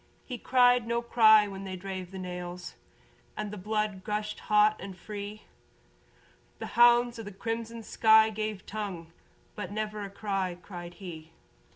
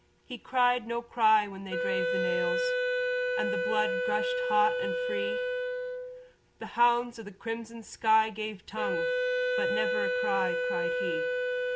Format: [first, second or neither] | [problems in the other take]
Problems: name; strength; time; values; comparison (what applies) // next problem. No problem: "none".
first | background sound (Wind instrument, woodwind instrument); 1 dB above the speech